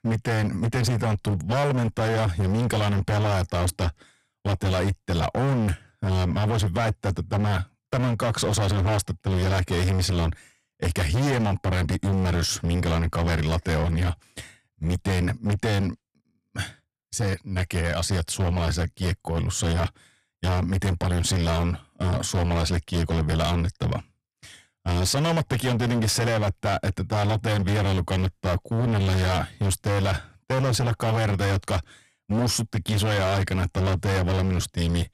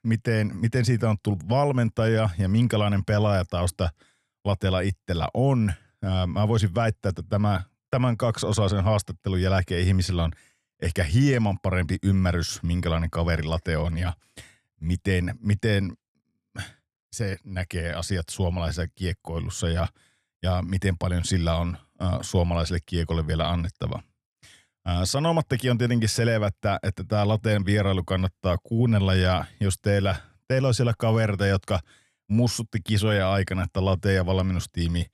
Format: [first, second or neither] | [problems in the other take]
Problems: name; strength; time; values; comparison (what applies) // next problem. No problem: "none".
second | distortion; heavy; 29% of the sound clipped